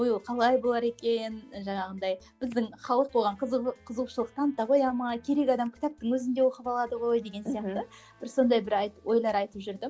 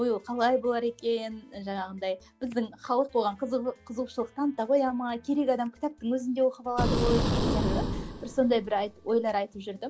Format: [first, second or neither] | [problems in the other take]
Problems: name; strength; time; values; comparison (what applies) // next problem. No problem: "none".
first | background sound (Boom); as loud as the speech